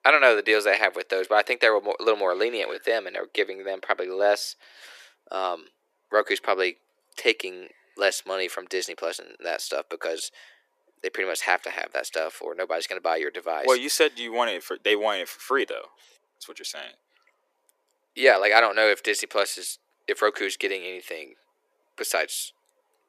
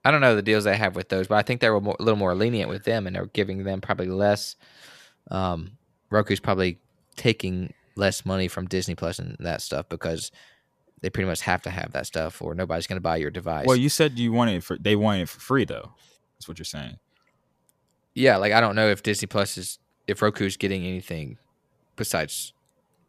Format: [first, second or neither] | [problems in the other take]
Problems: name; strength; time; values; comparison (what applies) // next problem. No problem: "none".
second | thin; very; fading below 350 Hz